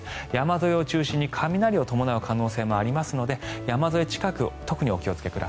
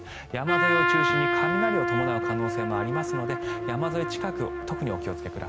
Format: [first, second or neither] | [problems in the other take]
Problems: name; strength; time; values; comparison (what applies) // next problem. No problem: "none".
first | background sound (Trumpet); 4 dB above the speech